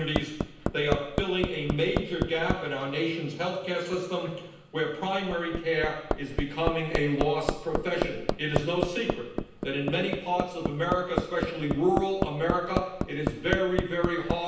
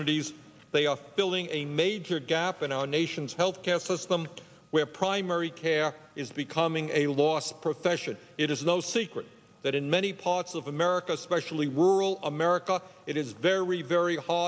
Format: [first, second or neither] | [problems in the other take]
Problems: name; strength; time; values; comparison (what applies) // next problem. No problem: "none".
second | background sound (Hammer); 4 dB below the speech // room echo; dies away in 0.9 s